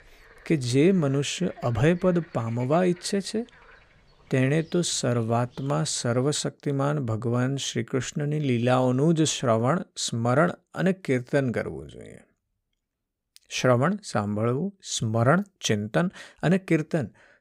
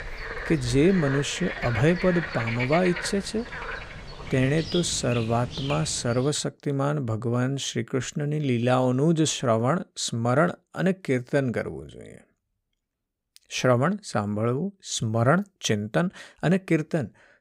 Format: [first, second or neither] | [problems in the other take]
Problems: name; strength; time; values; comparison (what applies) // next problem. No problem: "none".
first | animal sounds; loud; until 6 s; 9 dB below the speech; faint in the first